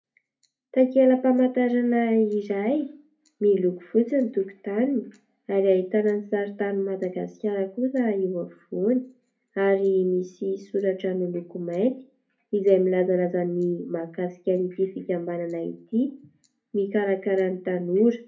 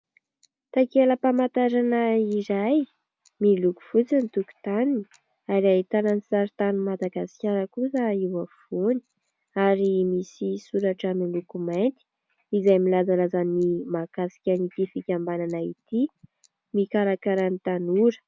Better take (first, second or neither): second